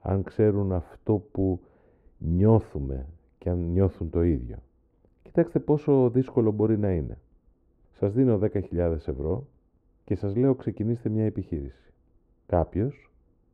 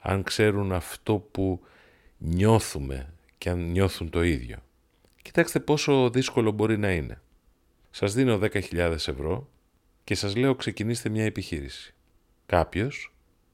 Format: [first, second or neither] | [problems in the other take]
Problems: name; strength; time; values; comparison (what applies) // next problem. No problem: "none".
second | muffled; very; fading above 1.5 kHz